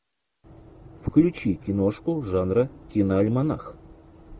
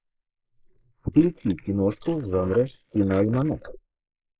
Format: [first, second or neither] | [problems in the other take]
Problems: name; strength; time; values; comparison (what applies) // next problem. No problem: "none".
first | noise reduction (neural mask model Resemble Enhance denoiser)